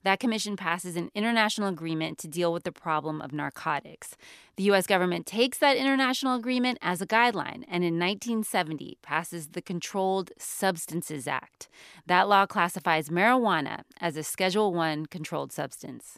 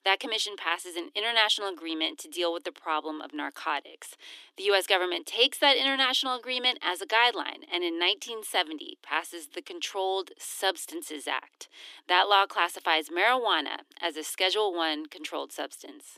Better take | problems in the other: first | thin; somewhat; fading below 300 Hz

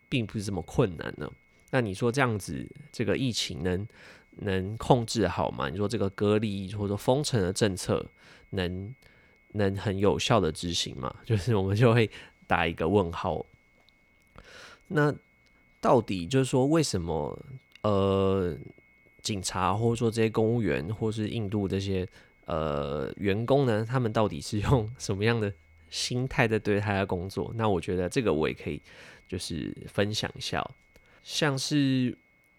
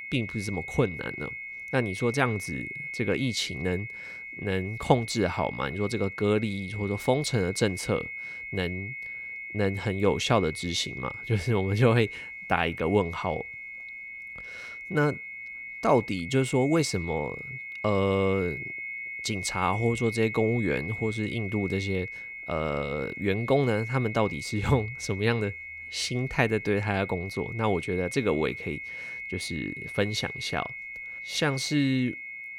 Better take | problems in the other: first | high-pitched whine; loud; throughout; 2 kHz, 8 dB below the speech; faint in the first

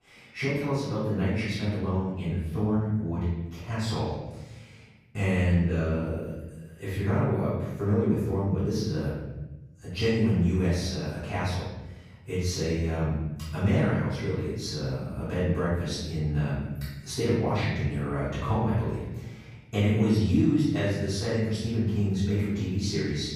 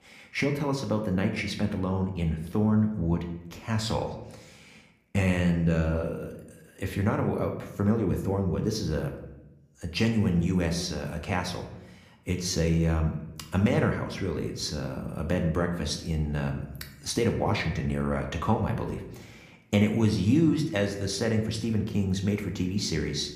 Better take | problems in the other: second | room echo; strong; dies away in 1.1 s; slight in the second // off-mic speech; far

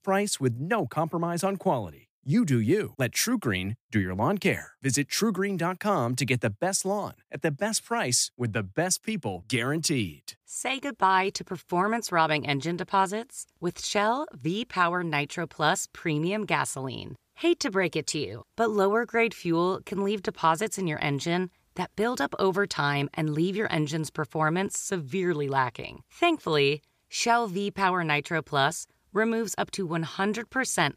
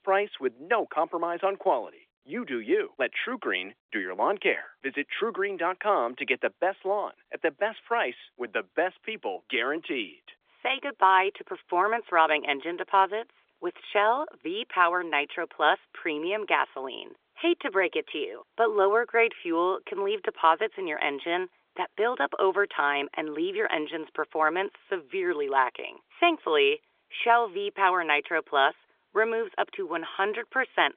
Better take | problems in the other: first | phone-call audio; nothing above 3.5 kHz

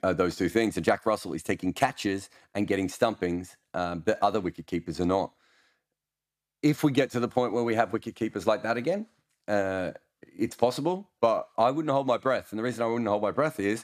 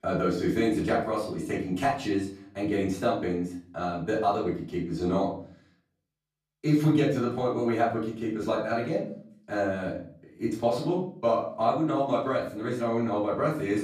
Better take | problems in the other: first | room echo; noticeable; dies away in 0.5 s // off-mic speech; far

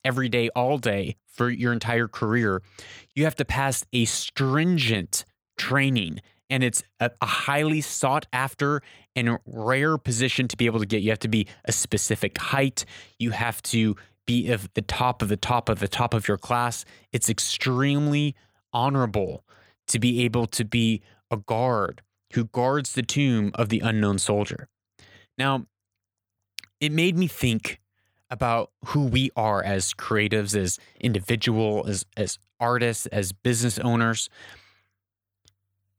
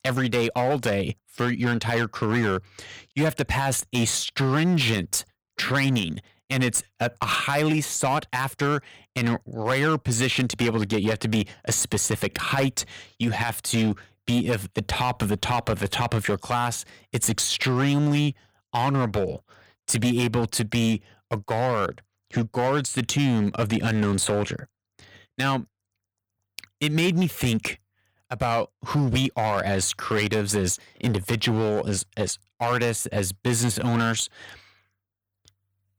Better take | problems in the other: first | distortion; slight; 8% of the sound clipped

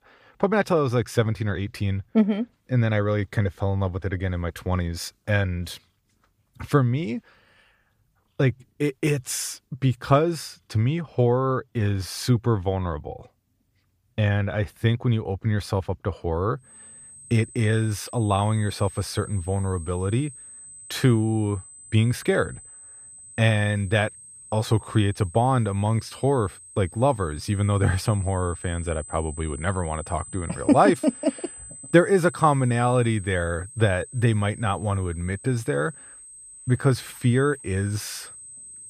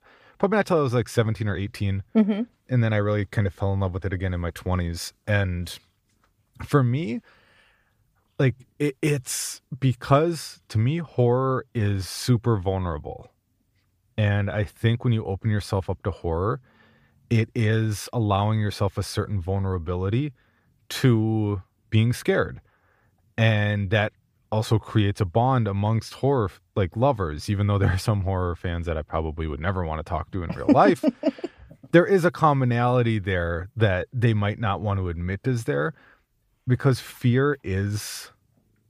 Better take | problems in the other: second | high-pitched whine; noticeable; from 17 s on; 8 kHz, 15 dB below the speech

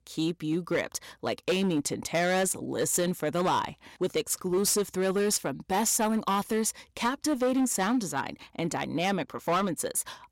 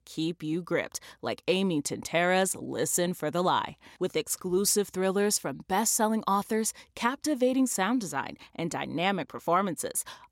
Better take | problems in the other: second | distortion; slight; 9% of the sound clipped

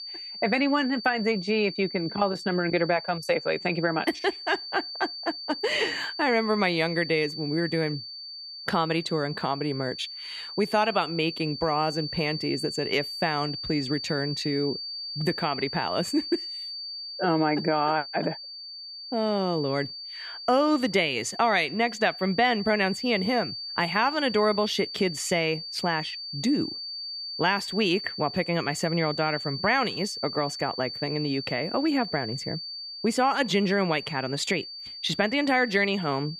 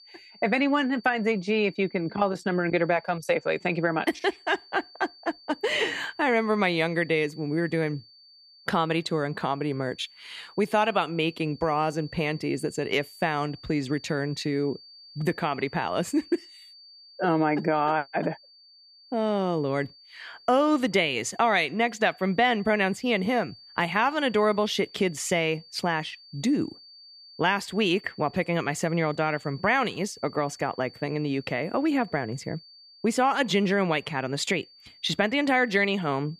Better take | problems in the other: second | high-pitched whine; loud; throughout; 4.5 kHz, 8 dB below the speech; faint in the second

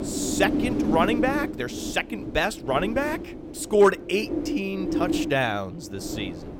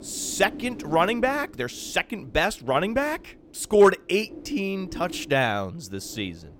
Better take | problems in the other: second | wind noise on the microphone; heavy; 8 dB below the speech; occasional gusts in the second

